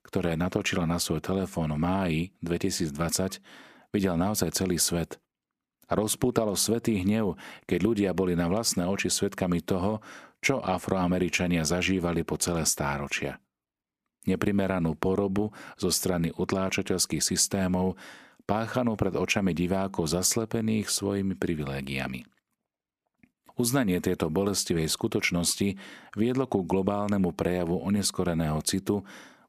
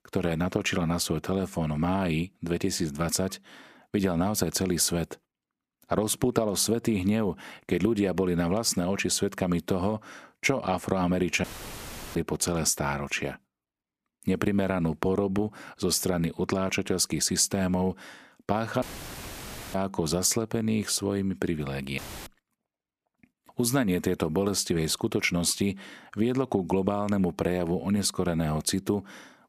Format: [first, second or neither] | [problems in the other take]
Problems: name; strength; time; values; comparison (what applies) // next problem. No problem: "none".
first | audio cutting out; filled with static; at 11 s for 0.5 s, at 19 s for 1 s and at 22 s